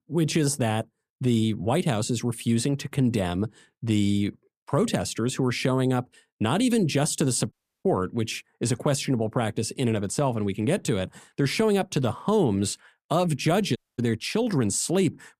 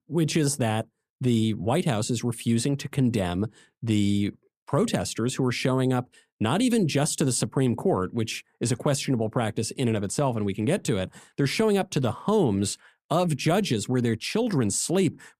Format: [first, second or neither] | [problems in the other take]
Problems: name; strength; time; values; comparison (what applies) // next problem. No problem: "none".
second | audio cutting out; at 7.5 s and at 14 s